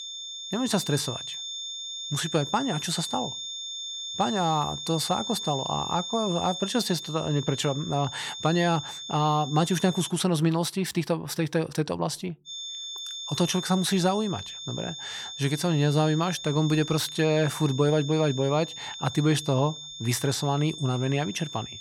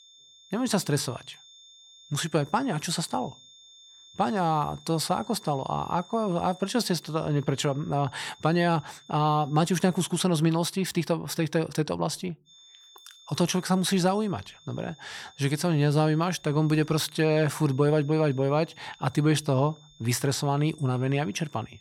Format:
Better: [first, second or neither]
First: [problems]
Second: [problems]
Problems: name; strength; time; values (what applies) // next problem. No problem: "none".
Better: second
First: high-pitched whine; loud; until 10 s and from 12 s on; 3.5 kHz, 8 dB below the speech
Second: high-pitched whine; faint; until 10 s and from 12 s on; 3.5 kHz, 25 dB below the speech